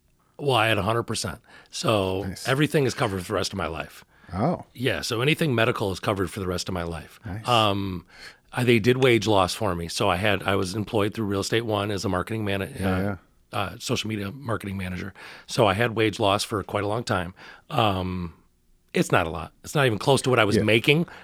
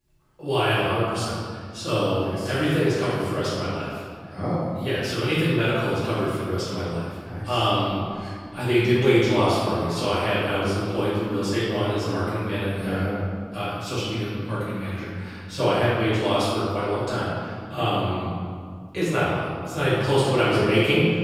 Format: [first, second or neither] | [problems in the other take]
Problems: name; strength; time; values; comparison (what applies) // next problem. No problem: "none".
first | off-mic speech; far // room echo; strong; dies away in 1.9 s